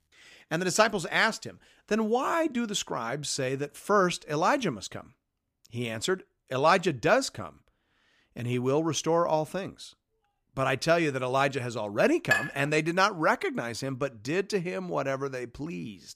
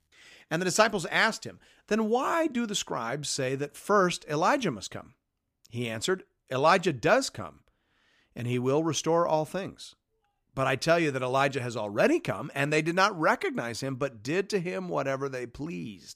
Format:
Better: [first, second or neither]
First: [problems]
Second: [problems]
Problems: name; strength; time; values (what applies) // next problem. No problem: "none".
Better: second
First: clattering dishes; loud; at 12 s; peak 1 dB above the speech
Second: none